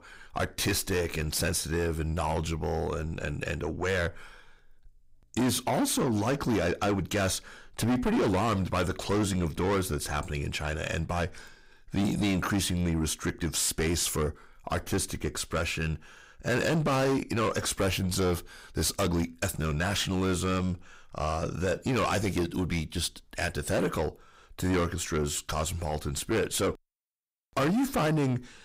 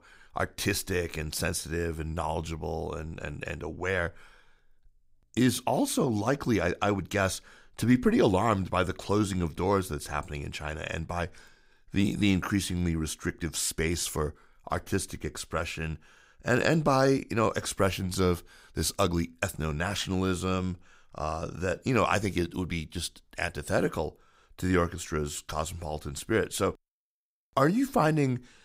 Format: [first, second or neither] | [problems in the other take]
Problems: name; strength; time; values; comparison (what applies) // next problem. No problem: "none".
second | distortion; heavy; 6 dB below the speech